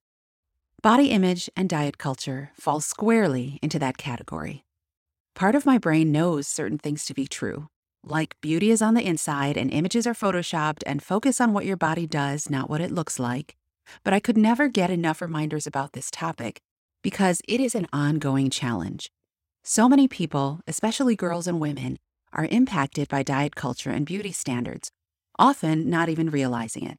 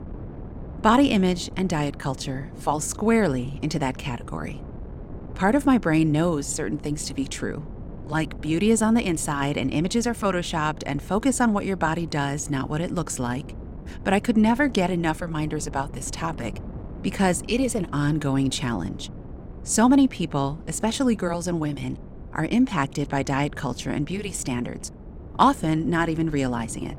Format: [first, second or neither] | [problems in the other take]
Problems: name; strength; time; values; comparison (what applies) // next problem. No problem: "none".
first | wind noise on the microphone; occasional gusts; 20 dB below the speech